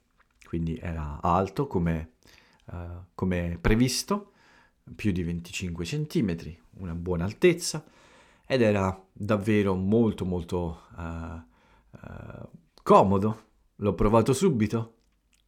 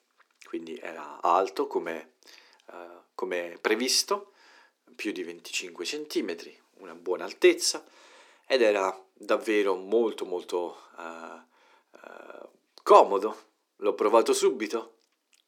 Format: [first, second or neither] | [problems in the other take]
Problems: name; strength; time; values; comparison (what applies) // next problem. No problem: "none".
first | thin; very; fading below 300 Hz